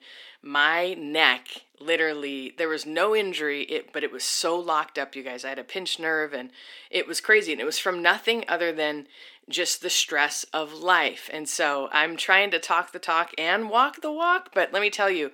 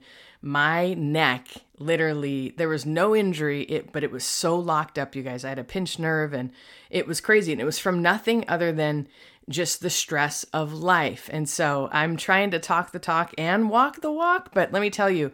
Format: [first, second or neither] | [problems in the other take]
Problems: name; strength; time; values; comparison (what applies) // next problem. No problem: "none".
second | thin; somewhat; fading below 300 Hz